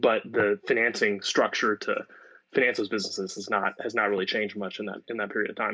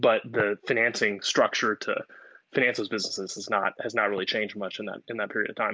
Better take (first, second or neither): second